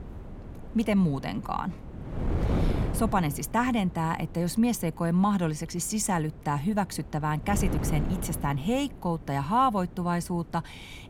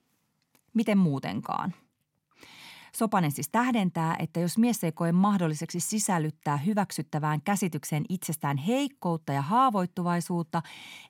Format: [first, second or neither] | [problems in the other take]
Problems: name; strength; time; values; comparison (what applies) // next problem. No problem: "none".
second | wind noise on the microphone; occasional gusts; 10 dB below the speech